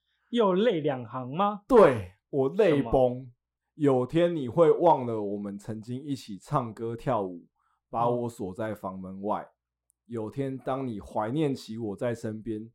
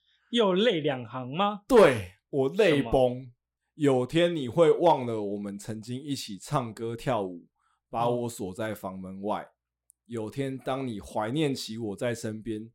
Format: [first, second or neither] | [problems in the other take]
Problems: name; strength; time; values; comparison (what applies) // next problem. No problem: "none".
second | muffled; slightly; fading above 1.5 kHz